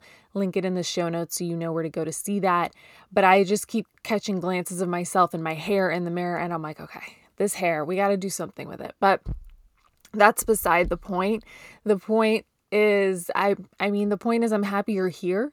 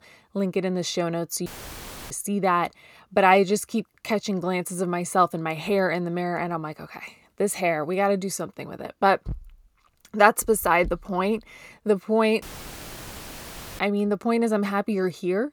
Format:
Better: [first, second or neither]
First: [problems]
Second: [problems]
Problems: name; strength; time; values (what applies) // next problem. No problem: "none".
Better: first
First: none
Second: audio cutting out; filled with static; at 1.5 s for 0.5 s and at 12 s for 1.5 s